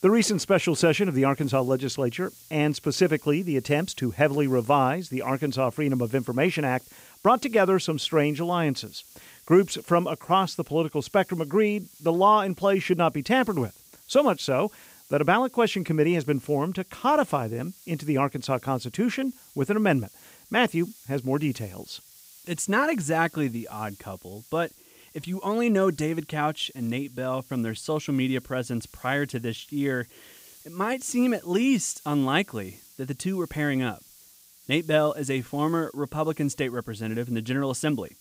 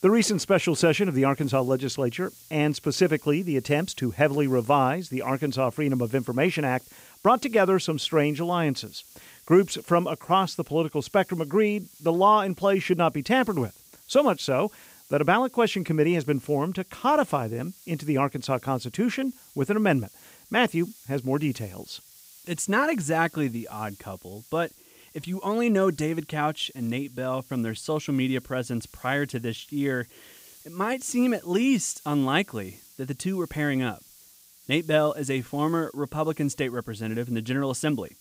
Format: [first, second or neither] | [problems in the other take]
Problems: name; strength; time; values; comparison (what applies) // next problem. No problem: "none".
neither | hiss; faint; throughout; 25 dB below the speech; the same in both